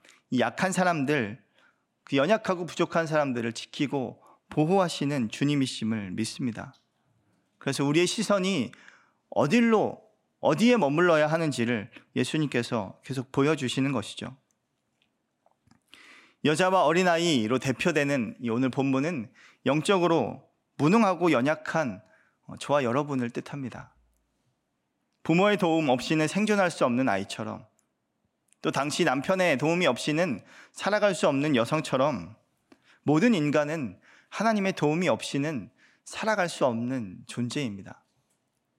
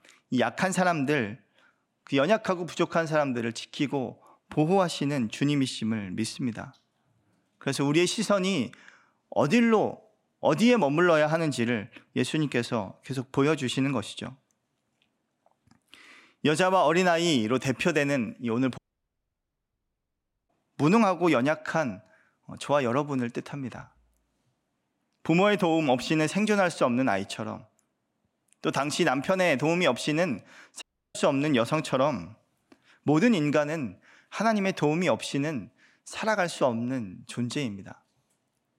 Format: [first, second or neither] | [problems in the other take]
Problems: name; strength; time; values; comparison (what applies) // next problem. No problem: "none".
first | audio cutting out; at 19 s for 1.5 s and at 31 s